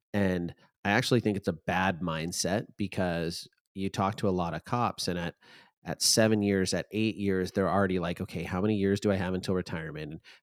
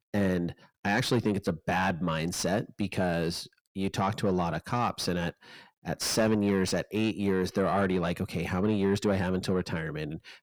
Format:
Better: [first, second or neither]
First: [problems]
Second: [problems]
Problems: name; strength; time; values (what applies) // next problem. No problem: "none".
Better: first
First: none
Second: distortion; slight; 10 dB below the speech